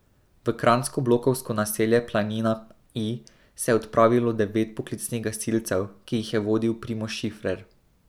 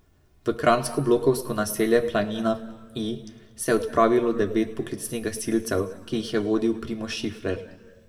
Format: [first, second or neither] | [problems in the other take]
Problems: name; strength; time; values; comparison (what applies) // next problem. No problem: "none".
first | room echo; dies away in 1.1 s